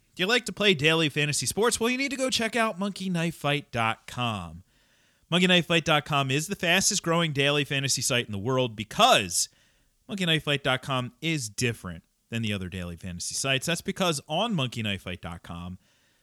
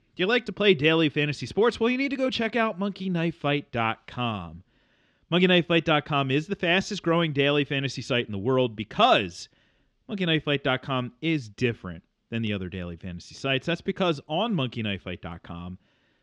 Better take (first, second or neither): first